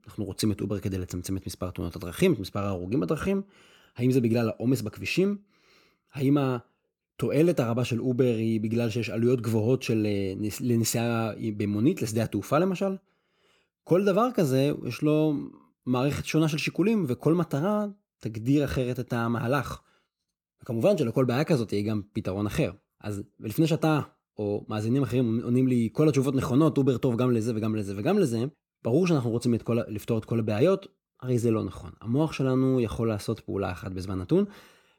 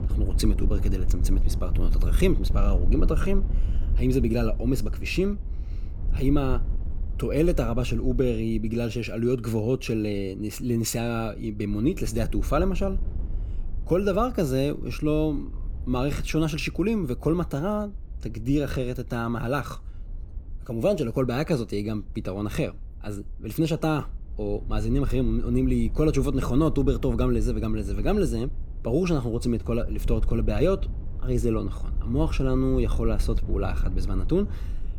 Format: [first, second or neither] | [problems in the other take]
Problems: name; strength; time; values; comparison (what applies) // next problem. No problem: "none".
first | wind noise on the microphone; occasional gusts; 20 dB below the speech